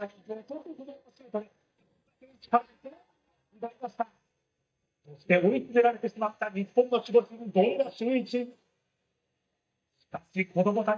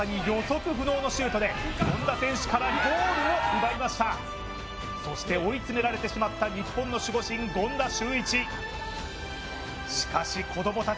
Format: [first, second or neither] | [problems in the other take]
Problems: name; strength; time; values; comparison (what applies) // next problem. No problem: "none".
second | noise reduction (neural mask model DeepFilterNet 3)